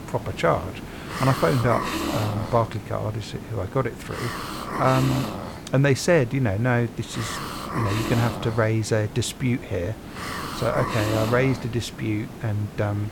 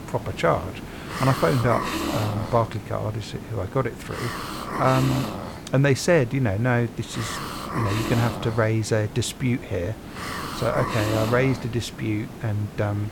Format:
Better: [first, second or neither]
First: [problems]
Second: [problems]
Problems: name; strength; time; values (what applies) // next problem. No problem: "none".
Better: neither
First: hiss; loud; throughout; 7 dB below the speech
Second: hiss; loud; throughout; 7 dB below the speech